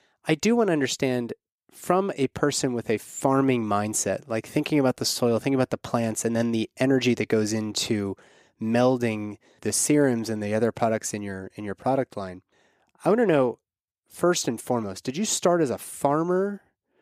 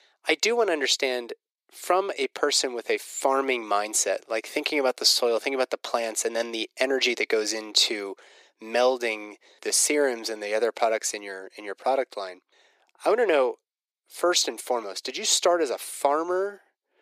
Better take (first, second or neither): first